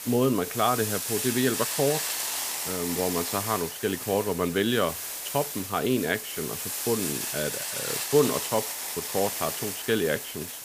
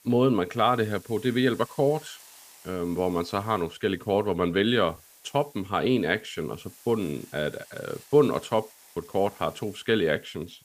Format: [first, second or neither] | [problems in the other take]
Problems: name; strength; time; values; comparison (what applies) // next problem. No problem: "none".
second | hiss; loud; throughout; 2 dB below the speech; faint in the second